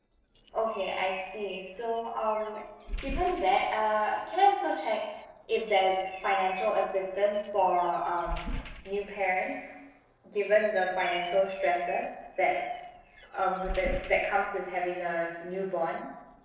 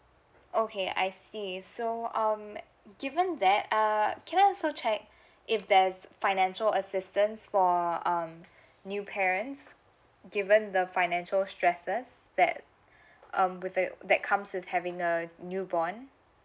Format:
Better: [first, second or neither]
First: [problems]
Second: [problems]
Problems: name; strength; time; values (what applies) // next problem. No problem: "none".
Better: second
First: noise reduction (neural separator model SepFormer DNS4)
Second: none